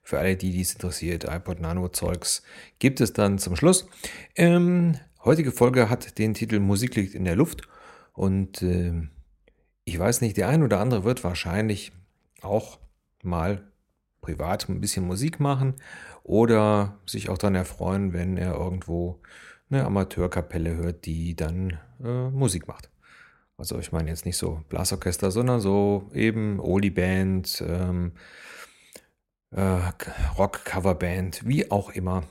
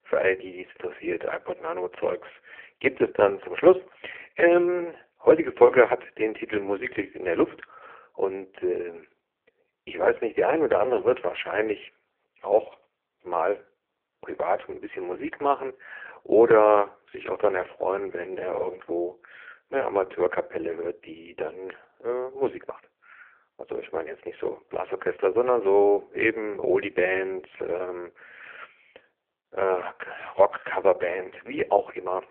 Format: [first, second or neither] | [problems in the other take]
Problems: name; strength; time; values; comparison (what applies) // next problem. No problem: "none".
first | phone-call audio; poor line